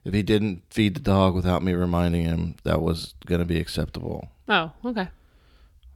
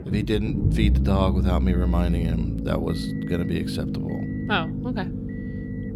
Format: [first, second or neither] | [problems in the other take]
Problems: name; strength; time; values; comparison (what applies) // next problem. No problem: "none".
first | low rumble; loud; throughout; 6 dB below the speech